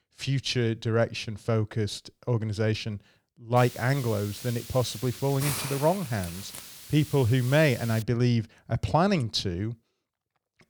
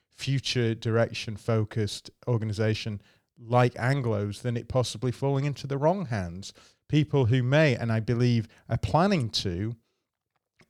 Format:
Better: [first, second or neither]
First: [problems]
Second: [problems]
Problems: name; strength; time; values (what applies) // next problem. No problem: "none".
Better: second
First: hiss; noticeable; from 3.5 to 8 s; 10 dB below the speech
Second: none